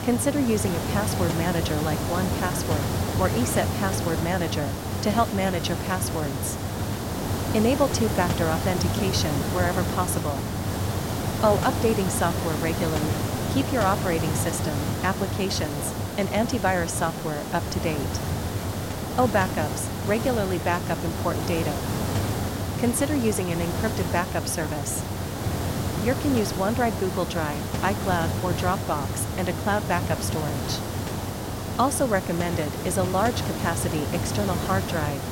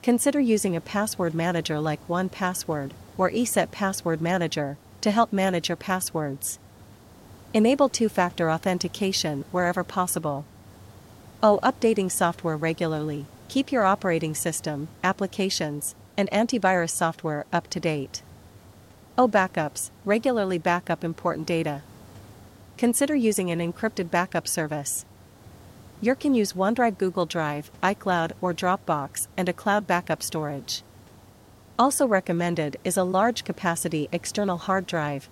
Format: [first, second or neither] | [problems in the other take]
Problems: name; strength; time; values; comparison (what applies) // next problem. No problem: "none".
second | hiss; loud; throughout; 1 dB below the speech; faint in the second